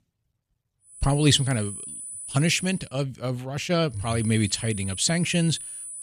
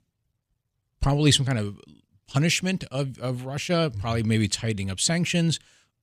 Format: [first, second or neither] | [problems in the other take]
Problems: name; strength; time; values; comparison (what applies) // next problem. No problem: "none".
second | high-pitched whine; loud; from 1 to 3 s and from 4 s on; 10 kHz, 10 dB below the speech